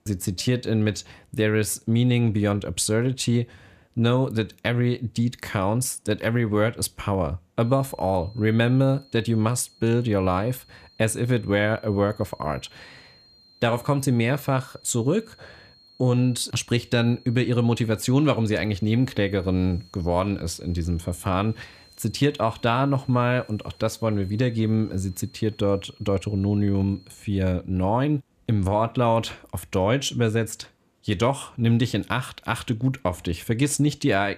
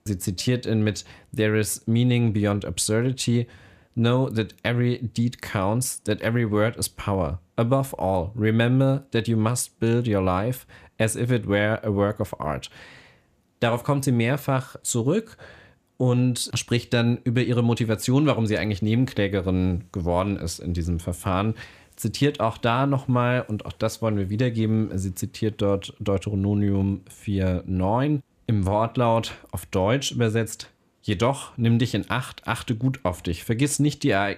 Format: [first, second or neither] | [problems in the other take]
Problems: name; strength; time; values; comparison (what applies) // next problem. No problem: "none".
second | high-pitched whine; faint; from 7.5 to 27 s; 4 kHz, 30 dB below the speech